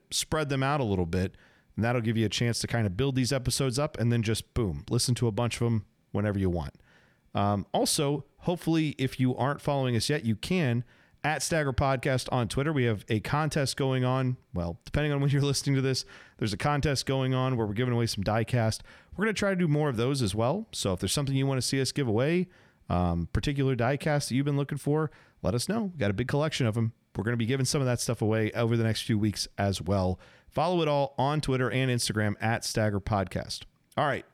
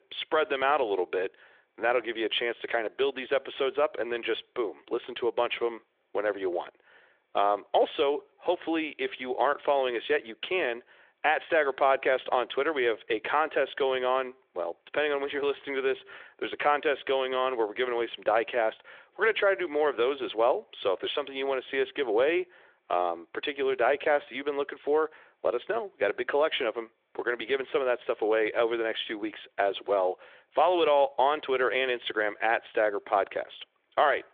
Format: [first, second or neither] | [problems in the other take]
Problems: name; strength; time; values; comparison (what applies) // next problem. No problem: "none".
first | phone-call audio; nothing above 3.5 kHz